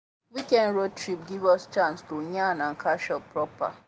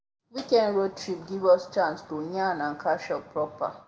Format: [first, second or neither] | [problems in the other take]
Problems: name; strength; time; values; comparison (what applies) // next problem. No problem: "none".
first | room echo; dies away in 0.4 s